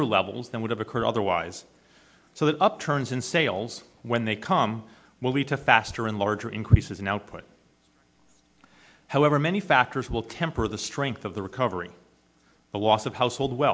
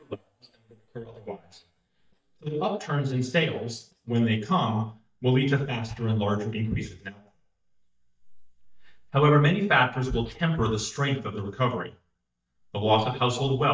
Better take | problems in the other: first | noise reduction (neural mask model DeepFilterNet 3)

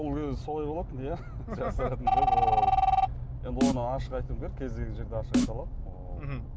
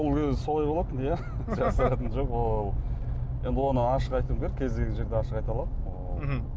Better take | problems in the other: second | background sound (Snare drum + Telephone); 4 dB above the speech

